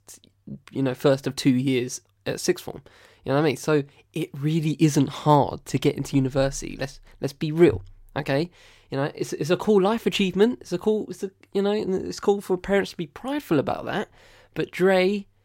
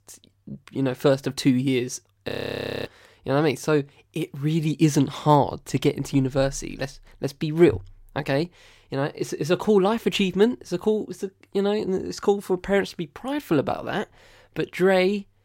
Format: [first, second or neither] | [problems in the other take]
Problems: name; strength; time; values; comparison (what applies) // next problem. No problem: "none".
first | audio freezing; at 2.5 s for 0.5 s